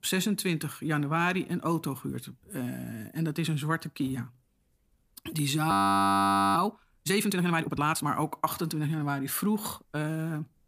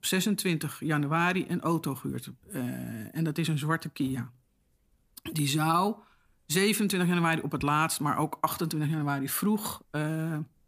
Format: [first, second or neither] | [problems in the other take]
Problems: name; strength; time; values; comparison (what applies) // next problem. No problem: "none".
second | audio freezing; at 5.5 s for 1 s